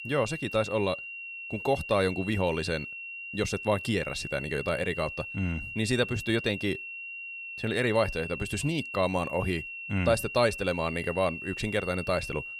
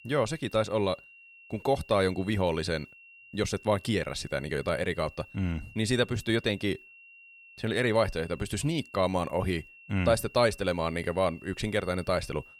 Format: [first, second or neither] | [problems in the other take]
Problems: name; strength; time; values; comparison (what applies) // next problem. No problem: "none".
second | high-pitched whine; loud; throughout; 2.5 kHz, 7 dB below the speech; faint in the second